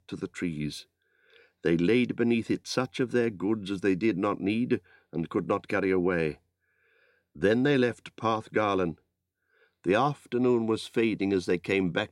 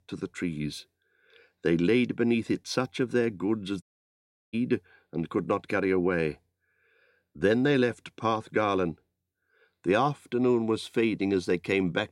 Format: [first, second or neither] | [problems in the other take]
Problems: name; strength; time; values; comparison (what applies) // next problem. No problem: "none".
first | audio cutting out; at 4 s for 0.5 s